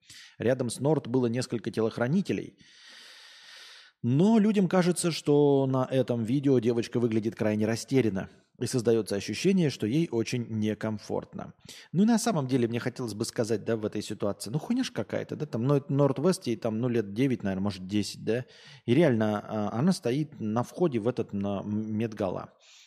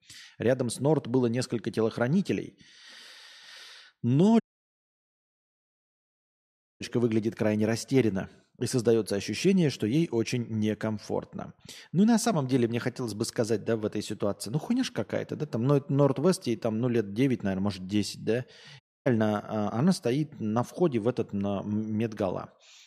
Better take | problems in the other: first | audio cutting out; at 4.5 s for 2.5 s and at 19 s

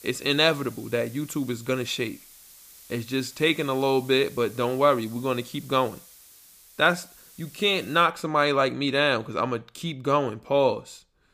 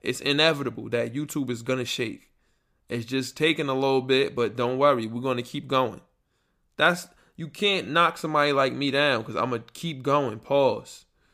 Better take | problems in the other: second | hiss; faint; until 8 s; 20 dB below the speech

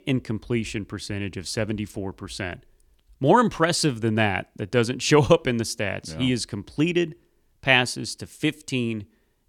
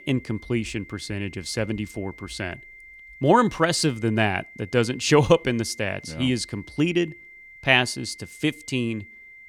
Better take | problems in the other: first | high-pitched whine; noticeable; throughout; 2 kHz, 20 dB below the speech

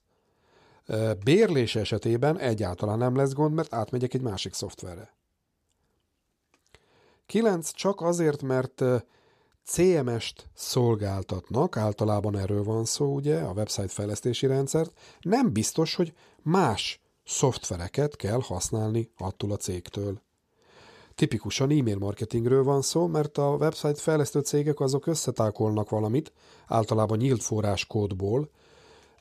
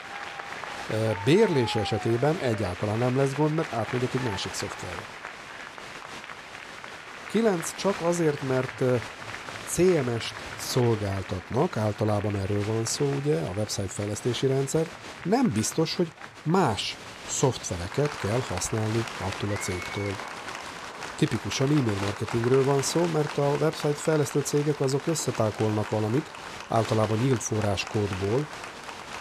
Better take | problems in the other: first | crowd noise; noticeable; throughout; 10 dB below the speech

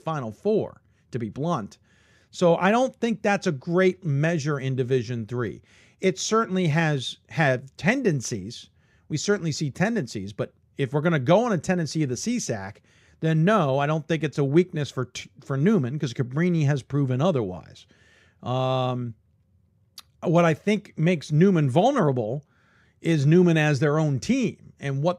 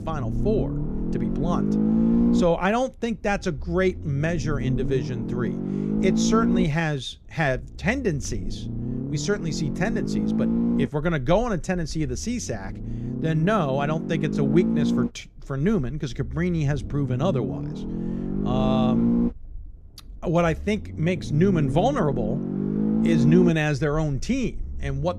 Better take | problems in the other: first | low rumble; loud; throughout; 4 dB below the speech

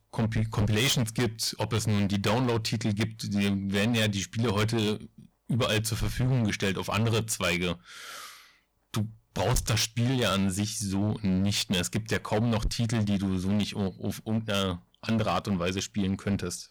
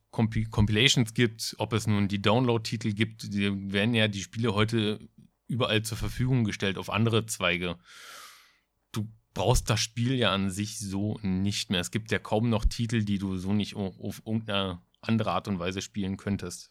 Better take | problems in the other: second | distortion; heavy; 15% of the sound clipped

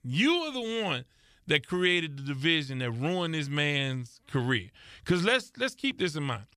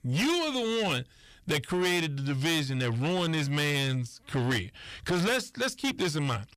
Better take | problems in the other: first | distortion; heavy; 6 dB below the speech

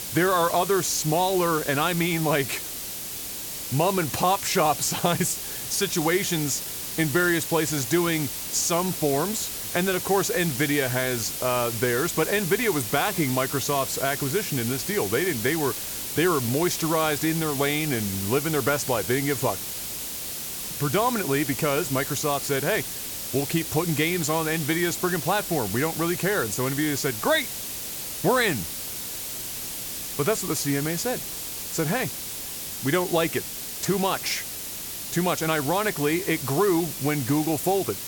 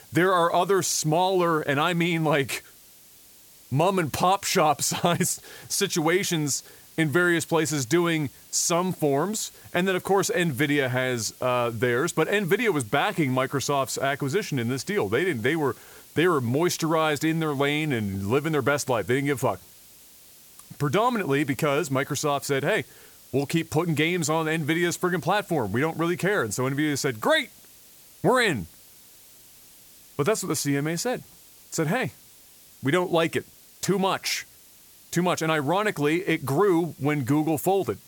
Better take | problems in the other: second | hiss; loud; throughout; 5 dB below the speech; faint in the second

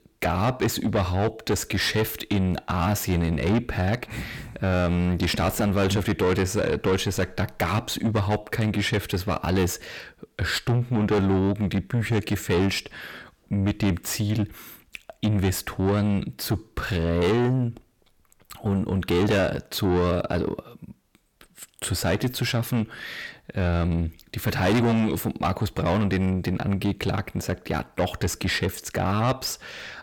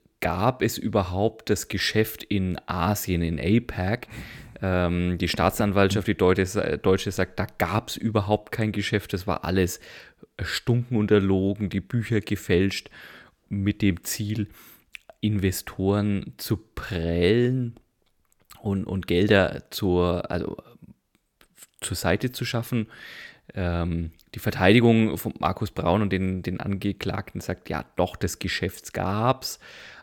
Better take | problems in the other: second | distortion; heavy; 7 dB below the speech

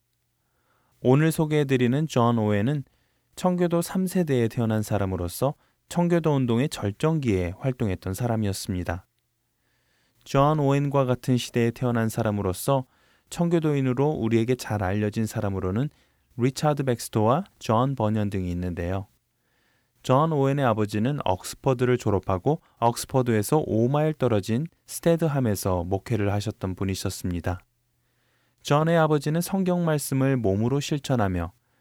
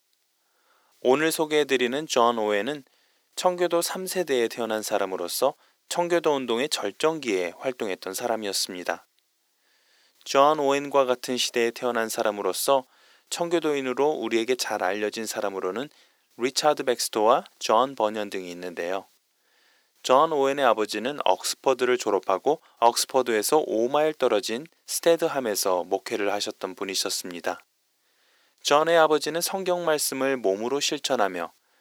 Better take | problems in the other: first | thin; very; fading below 350 Hz

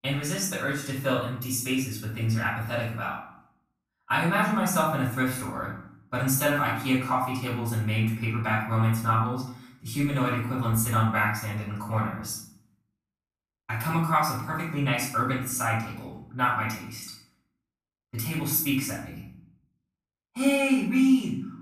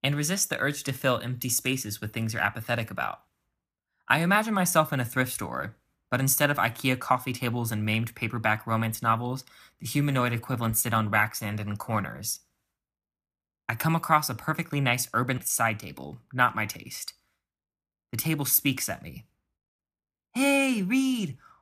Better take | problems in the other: second | off-mic speech; far // room echo; noticeable; dies away in 0.6 s

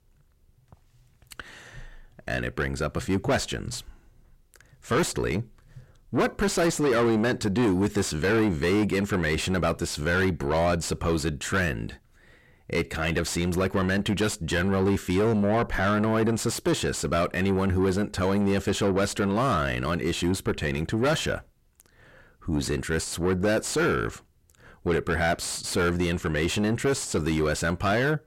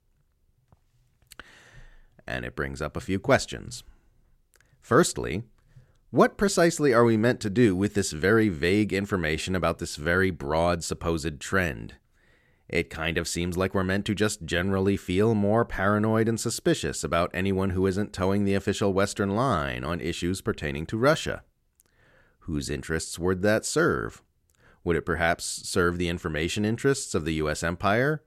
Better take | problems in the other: second | distortion; heavy; 6 dB below the speech

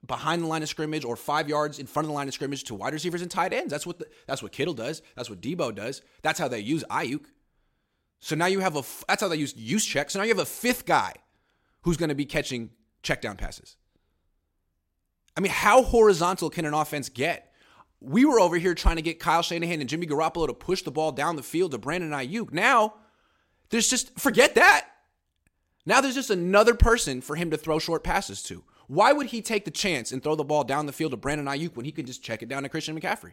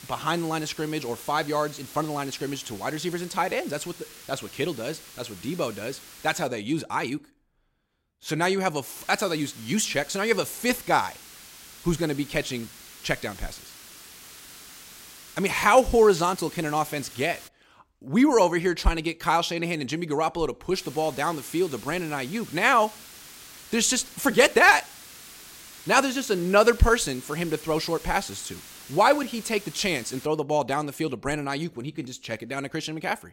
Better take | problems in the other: first | hiss; noticeable; until 6.5 s, from 9 to 17 s and from 21 to 30 s; 20 dB below the speech

